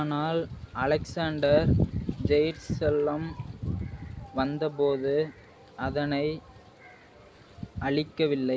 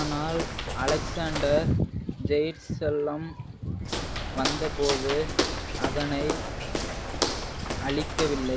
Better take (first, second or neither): first